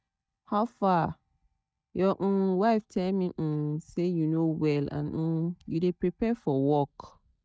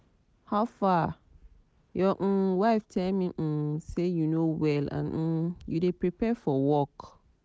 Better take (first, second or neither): second